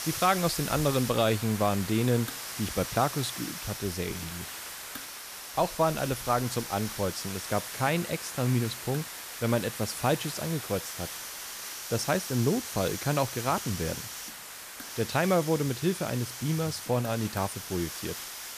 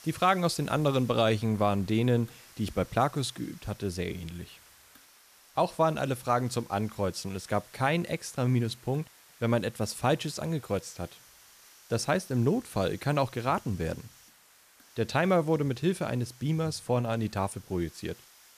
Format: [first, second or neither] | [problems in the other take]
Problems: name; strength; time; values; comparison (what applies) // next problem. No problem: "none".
second | hiss; loud; throughout; 7 dB below the speech; faint in the second